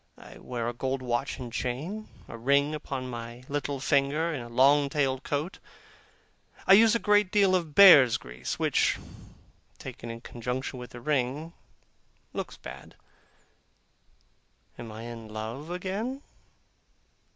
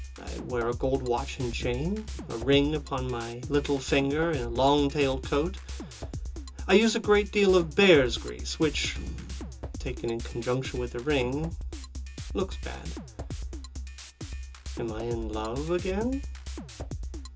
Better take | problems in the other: first | background sound (Drum kit); 9 dB below the speech // room echo; dies away in 0.2 s

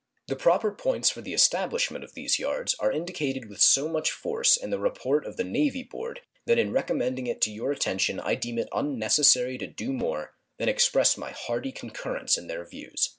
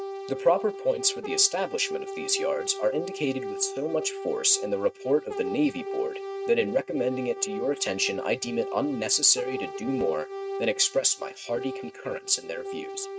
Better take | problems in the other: first | noise reduction (neural mask model RNNoise)

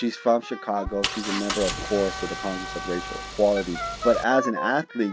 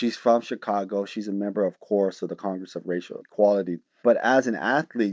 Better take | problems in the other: second | background sound (Wind instrument, woodwind instrument + Engine); 7 dB below the speech

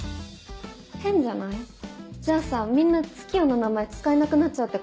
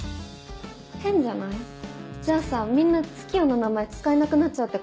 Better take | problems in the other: first | background sound (Wind instrument, woodwind instrument); 20 dB below the speech

